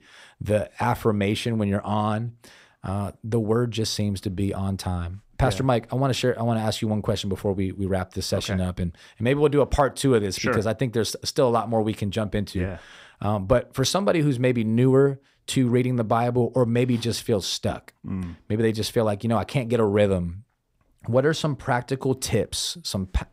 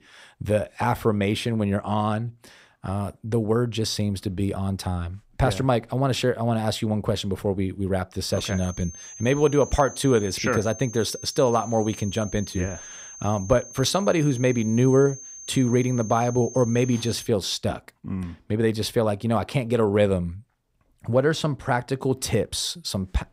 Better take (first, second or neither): first